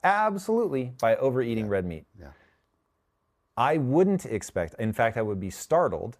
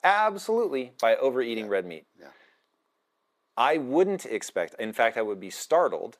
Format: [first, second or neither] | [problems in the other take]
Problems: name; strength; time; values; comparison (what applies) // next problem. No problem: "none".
first | thin; somewhat; fading below 300 Hz